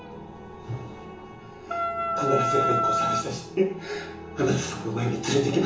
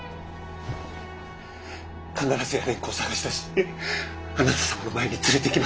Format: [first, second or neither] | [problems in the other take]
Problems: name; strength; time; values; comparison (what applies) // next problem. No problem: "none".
second | background sound (Wind instrument, woodwind instrument); 2 dB above the speech // room echo; dies away in 0.8 s